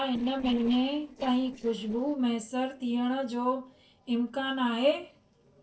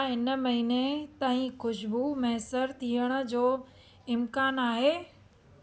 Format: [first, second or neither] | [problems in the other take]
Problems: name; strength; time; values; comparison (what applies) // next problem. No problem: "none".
second | noise reduction (neural separator model SepFormer DNS4)